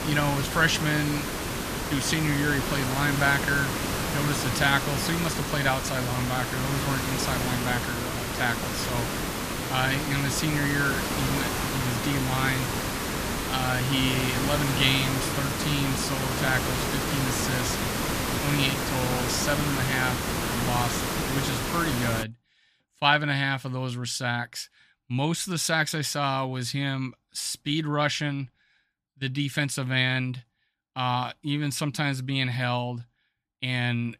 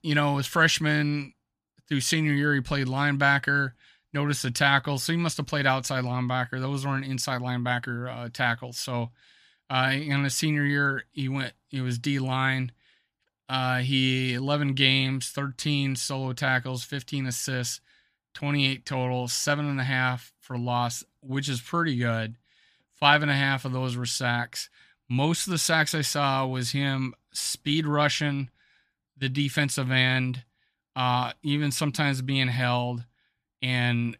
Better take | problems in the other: second | hiss; loud; until 22 s; 1 dB below the speech

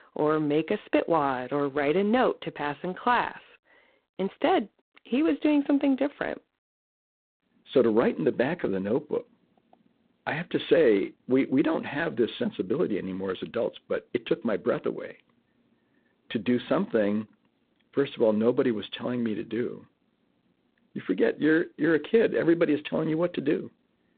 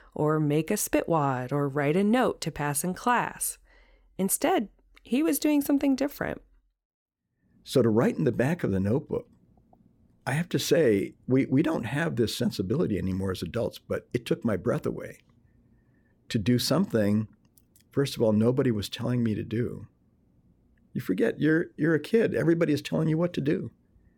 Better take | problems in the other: second | phone-call audio; poor line; nothing above 4 kHz

